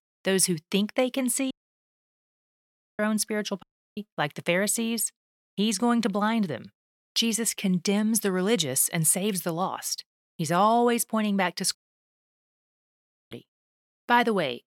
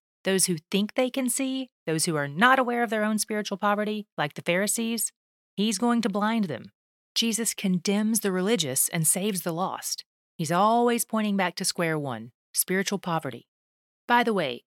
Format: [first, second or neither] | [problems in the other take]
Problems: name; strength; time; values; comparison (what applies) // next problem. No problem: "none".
second | audio cutting out; at 1.5 s for 1.5 s, at 3.5 s and at 12 s for 1.5 s